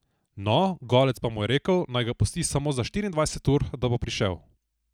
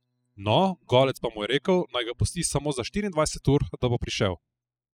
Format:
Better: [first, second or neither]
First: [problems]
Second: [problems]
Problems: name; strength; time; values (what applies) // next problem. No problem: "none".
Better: first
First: none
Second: noise reduction (classical method spectral subtraction)